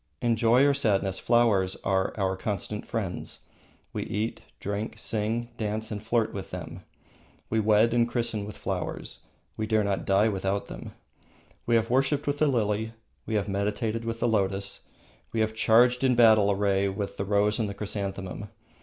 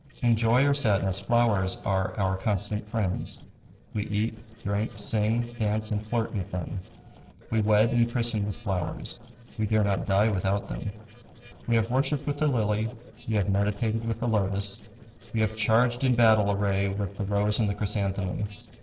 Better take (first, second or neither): first